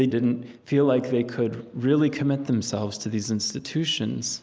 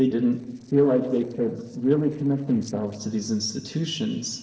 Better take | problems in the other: first | noise reduction (neural separator model SepFormer DNS4)

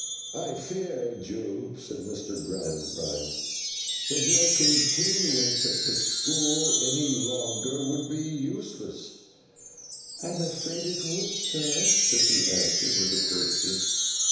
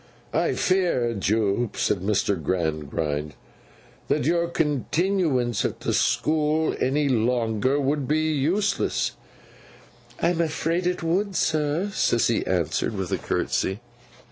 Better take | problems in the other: second | background sound (Wind chime); 4 dB above the speech // room echo; dies away in 1 s

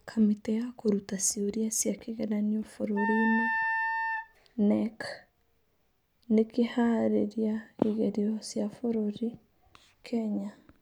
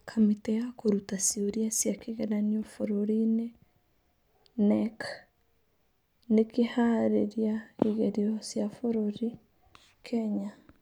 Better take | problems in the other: second | background sound (Wind instrument, woodwind instrument); 1 dB below the speech

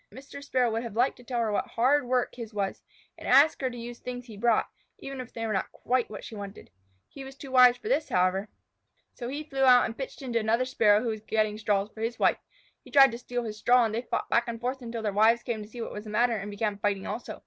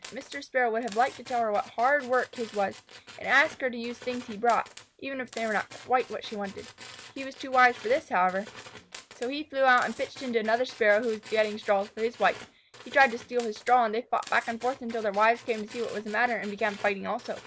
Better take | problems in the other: first | background sound (Tools); 19 dB below the speech

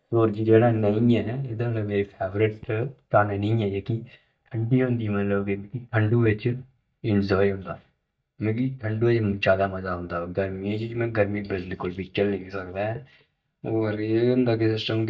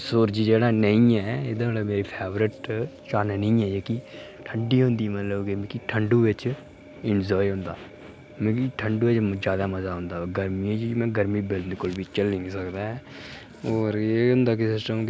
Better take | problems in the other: second | noise reduction (neural mask model DeepFilterNet 3)

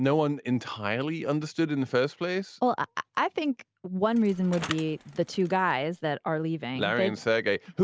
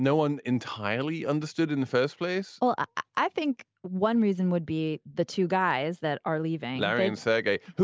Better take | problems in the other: second | background sound (Bicycle); 15 dB below the speech

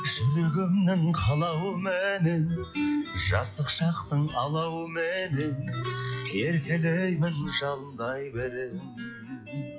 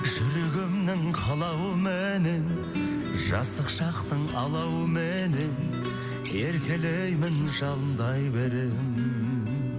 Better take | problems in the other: second | noise reduction (classical method log-MMSE)

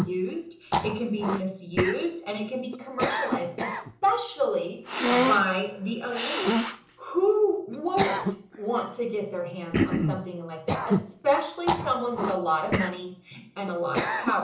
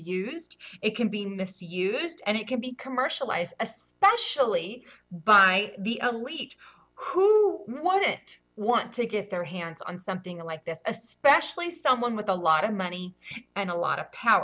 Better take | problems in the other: second | background sound (Cough); 2 dB below the speech // room echo; dies away in 0.6 s

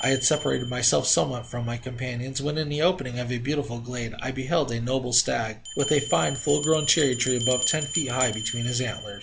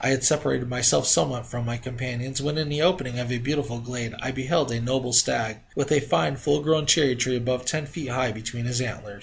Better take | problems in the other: second | background sound (Bell); 8 dB below the speech

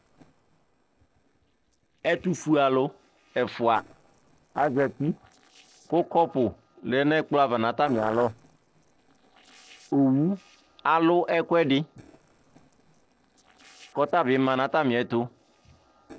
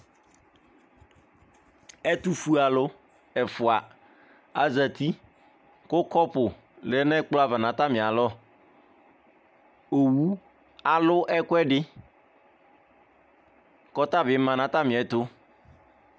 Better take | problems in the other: second | noise reduction (neural separator model SepFormer DNS4)

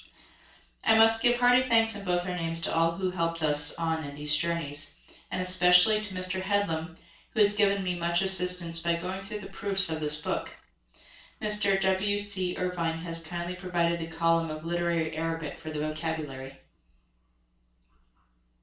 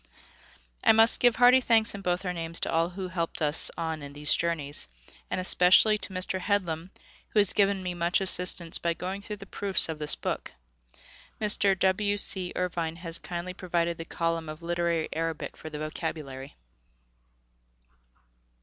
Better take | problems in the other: second | room echo; dies away in 0.3 s

